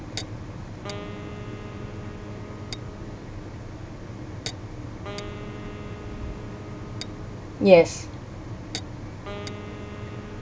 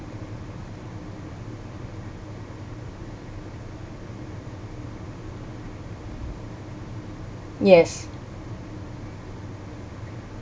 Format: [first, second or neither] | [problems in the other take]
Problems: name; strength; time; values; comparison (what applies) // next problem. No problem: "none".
second | background sound (Wind instrument, woodwind instrument + Tap / Glass); 13 dB below the speech